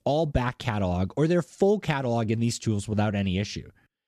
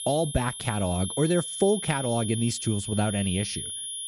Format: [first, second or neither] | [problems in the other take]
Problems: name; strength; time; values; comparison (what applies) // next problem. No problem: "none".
first | high-pitched whine; loud; throughout; 10.5 kHz, 6 dB below the speech